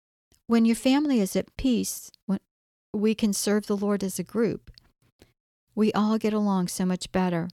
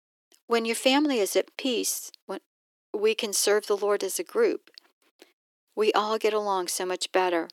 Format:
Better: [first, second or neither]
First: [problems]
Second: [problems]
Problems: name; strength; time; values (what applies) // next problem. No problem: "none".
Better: first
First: none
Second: thin; somewhat; fading below 300 Hz